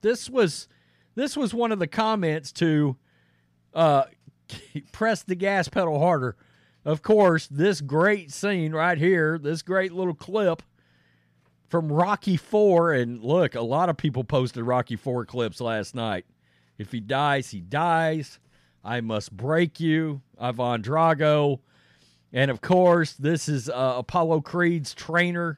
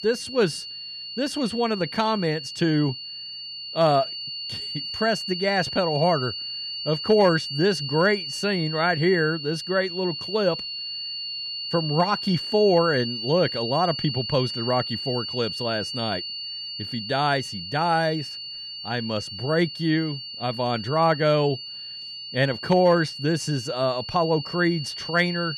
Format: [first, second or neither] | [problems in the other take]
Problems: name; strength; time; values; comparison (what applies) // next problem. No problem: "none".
first | high-pitched whine; loud; throughout; 4.5 kHz, 7 dB below the speech